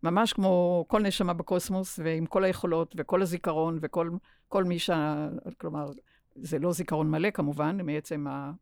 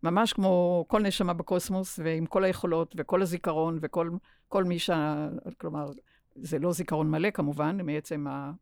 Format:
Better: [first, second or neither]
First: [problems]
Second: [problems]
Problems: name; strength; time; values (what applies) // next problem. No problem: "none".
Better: neither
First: none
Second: none